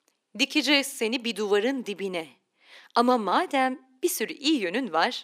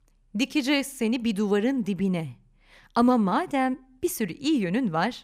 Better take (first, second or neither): second